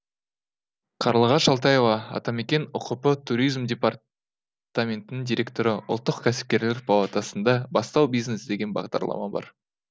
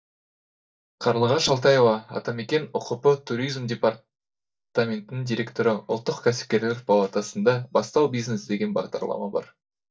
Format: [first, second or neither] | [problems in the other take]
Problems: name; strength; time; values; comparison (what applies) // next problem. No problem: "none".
first | noise reduction (neural mask model DeepFilterNet 3)